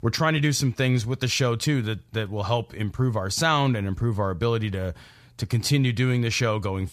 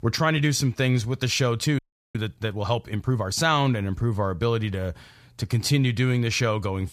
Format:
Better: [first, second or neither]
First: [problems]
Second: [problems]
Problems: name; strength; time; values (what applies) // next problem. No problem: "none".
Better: first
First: none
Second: audio freezing; at 2 s